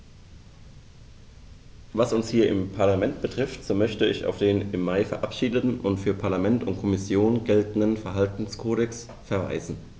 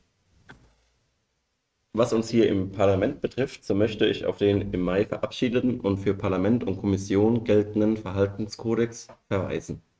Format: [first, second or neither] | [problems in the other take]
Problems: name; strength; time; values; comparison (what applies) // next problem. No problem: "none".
first | noise reduction (neural mask model RNNoise)